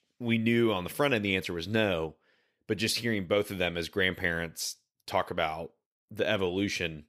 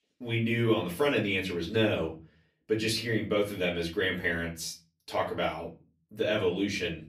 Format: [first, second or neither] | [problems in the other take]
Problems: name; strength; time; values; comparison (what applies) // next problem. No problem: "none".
first | off-mic speech; far // room echo; very slight; dies away in 0.3 s